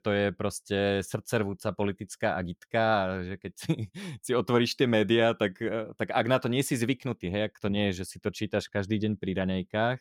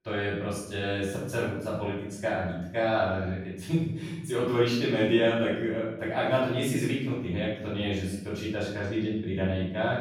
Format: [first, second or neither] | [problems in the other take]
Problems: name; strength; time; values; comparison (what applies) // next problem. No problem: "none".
first | off-mic speech; far // room echo; noticeable; dies away in 0.8 s